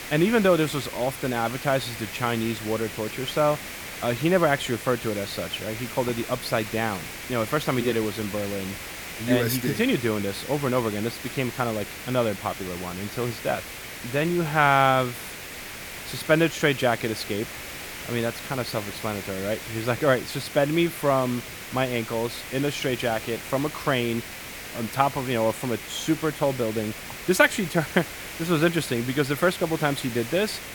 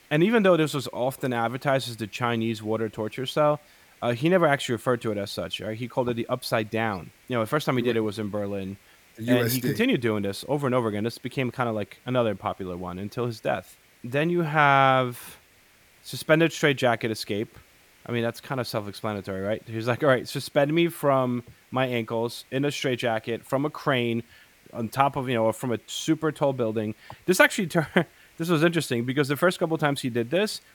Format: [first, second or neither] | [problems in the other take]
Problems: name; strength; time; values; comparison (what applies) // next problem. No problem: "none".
second | hiss; loud; throughout; 10 dB below the speech; faint in the second